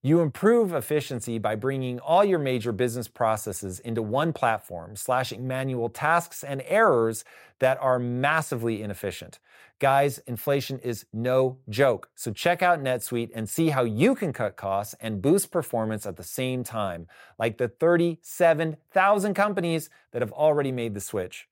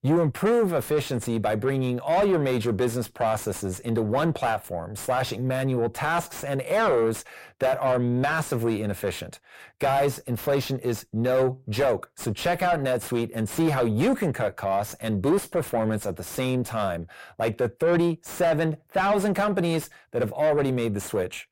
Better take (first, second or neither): first